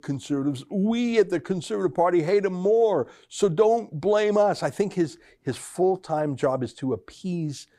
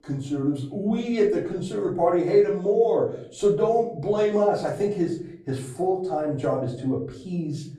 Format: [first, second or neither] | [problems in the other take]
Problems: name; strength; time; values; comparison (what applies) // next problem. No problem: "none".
first | off-mic speech; far // room echo; slight; dies away in 0.5 s